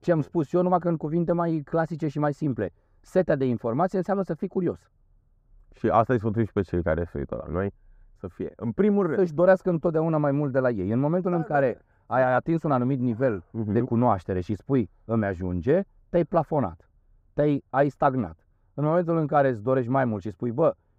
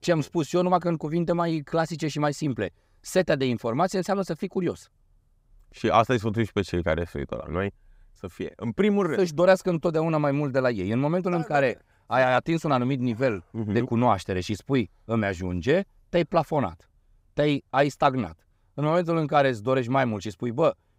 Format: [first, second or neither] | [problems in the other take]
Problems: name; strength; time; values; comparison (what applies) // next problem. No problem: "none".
second | muffled; very; fading above 1.5 kHz